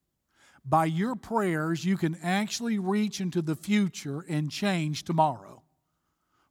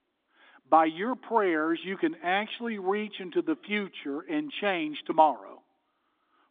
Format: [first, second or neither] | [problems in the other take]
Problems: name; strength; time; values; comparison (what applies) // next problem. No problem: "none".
first | phone-call audio; nothing above 3.5 kHz